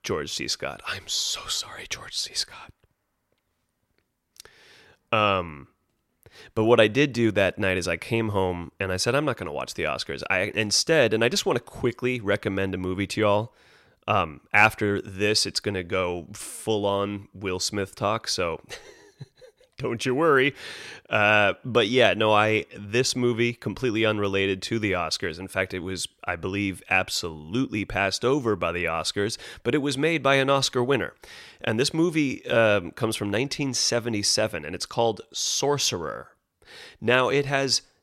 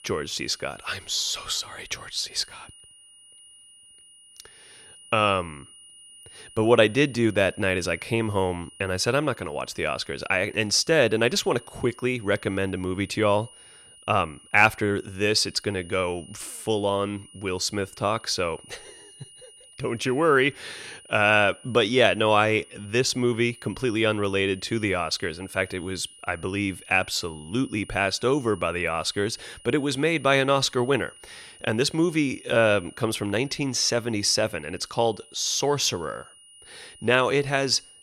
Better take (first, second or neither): first